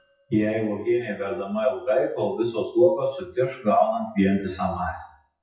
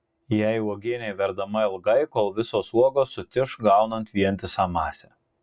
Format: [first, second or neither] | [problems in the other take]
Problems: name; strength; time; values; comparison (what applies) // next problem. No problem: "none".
second | noise reduction (classical method WPE with log-MMSE)